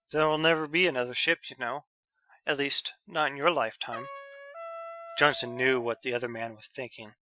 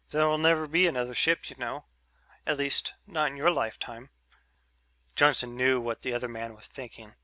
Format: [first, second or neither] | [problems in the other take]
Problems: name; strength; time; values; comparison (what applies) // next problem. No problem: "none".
second | noise reduction (classical method Wiener filter)